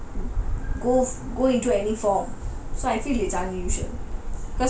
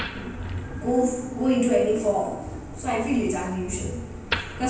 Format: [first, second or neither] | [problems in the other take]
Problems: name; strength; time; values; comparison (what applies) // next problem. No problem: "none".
first | background sound (Wood); 12 dB below the speech // room echo; dies away in 0.9 s